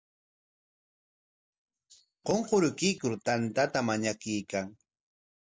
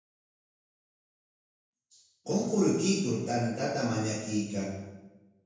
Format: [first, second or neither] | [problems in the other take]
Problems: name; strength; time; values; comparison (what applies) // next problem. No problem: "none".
first | room echo; dies away in 1 s